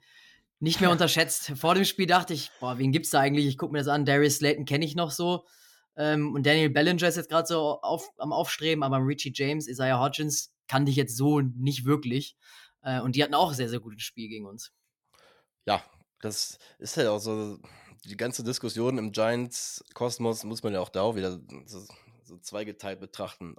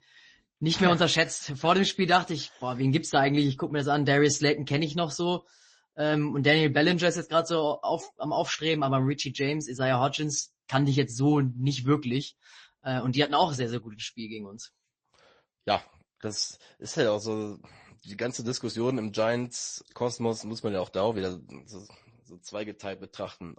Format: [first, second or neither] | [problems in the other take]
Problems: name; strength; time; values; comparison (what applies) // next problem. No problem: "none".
first | garbled, watery; slightly; nothing above 8 kHz